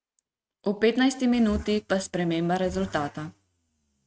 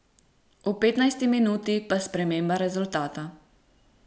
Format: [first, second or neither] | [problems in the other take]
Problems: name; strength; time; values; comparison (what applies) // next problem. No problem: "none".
second | noise reduction (neural mask model RNNoise)